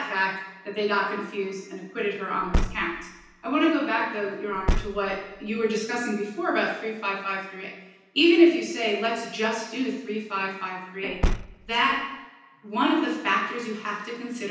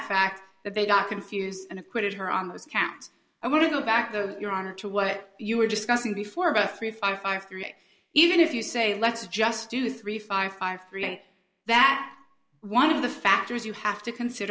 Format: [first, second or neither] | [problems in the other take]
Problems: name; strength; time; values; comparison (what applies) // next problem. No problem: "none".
second | background sound (Car); 2 dB below the speech // room echo; dies away in 0.9 s